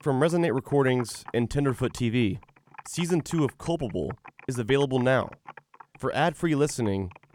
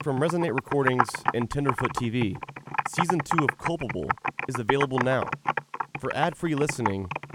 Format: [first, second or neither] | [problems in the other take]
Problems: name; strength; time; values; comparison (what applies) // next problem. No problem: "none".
first | household noises; loud; throughout; 1 dB below the speech; faint in the first